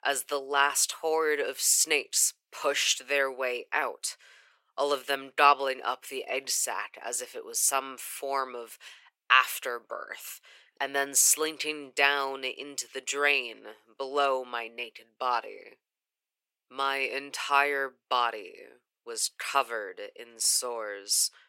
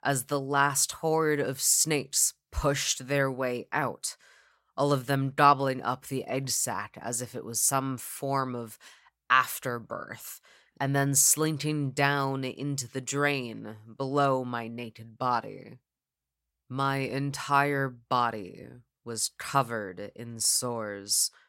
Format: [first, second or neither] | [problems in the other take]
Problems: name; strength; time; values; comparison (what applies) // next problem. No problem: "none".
second | thin; very; fading below 400 Hz